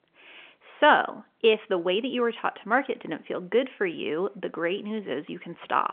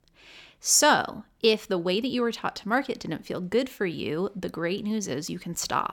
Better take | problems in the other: second | phone-call audio; nothing above 3.5 kHz

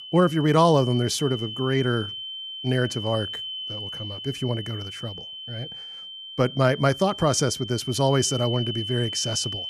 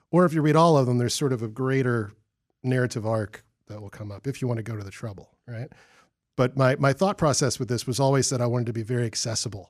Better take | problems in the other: second | high-pitched whine; loud; throughout; 3 kHz, 9 dB below the speech

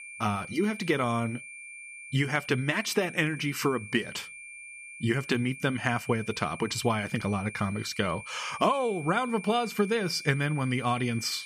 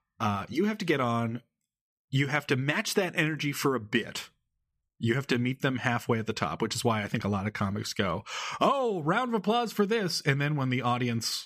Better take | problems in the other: second | high-pitched whine; noticeable; throughout; 2.5 kHz, 15 dB below the speech

